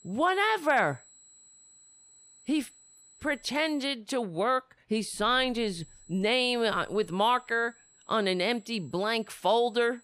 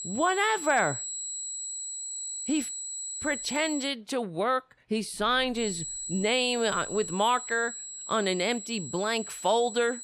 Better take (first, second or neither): first